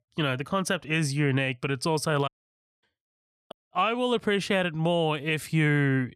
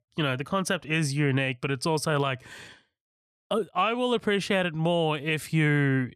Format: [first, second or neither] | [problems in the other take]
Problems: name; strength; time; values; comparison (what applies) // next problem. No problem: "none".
second | audio cutting out; at 2.5 s for 0.5 s and at 3.5 s